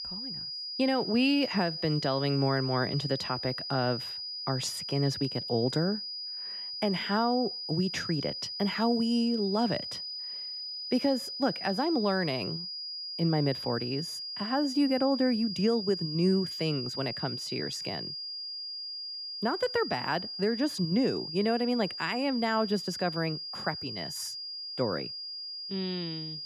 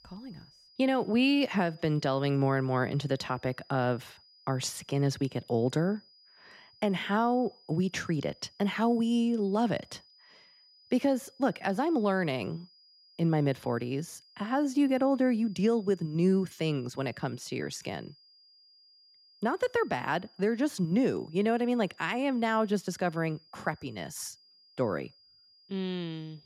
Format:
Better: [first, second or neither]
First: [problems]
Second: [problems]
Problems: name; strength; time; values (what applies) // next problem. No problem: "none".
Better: second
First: high-pitched whine; loud; throughout; 5 kHz, 5 dB below the speech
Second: high-pitched whine; faint; throughout; 5 kHz, 30 dB below the speech